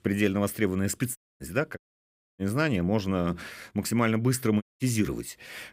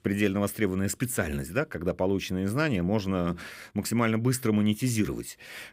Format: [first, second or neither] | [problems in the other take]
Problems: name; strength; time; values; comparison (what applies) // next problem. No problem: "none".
second | audio cutting out; at 1 s, at 2 s for 0.5 s and at 4.5 s